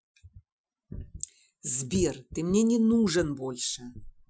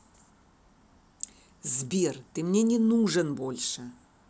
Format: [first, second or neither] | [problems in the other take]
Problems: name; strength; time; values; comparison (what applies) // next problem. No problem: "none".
second | noise reduction (classical method Wiener filter)